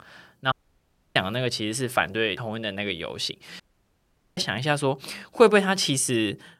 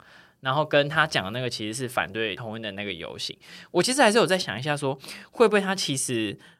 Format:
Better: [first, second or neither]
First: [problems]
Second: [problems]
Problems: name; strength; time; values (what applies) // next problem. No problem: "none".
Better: second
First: audio cutting out; at 0.5 s for 0.5 s and at 3.5 s for 1 s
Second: none